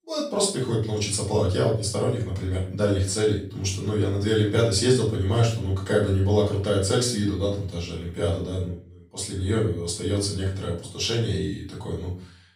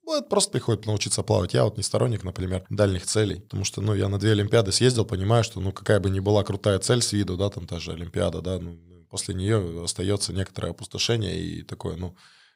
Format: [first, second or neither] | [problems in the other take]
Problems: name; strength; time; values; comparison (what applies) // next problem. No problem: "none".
second | off-mic speech; far // room echo; noticeable; dies away in 0.4 s